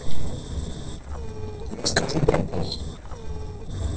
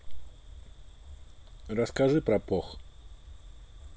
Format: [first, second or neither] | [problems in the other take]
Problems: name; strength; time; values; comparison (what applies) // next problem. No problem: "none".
second | noise reduction (neural separator model SepFormer DNS4)